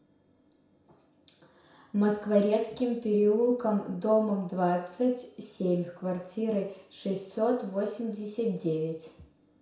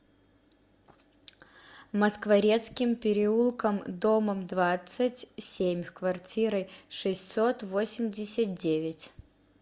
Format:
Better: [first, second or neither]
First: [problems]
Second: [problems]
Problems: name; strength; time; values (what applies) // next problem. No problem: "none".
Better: second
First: room echo; dies away in 0.6 s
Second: none